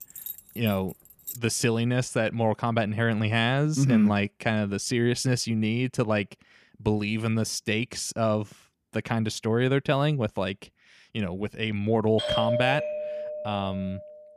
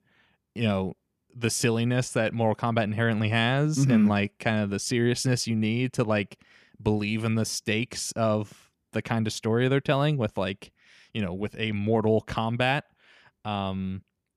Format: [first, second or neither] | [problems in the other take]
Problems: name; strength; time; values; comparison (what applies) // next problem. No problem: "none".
second | jangling keys; faint; until 1.5 s; peak 10 dB below the speech // doorbell; loud; from 12 s on; peak level with the speech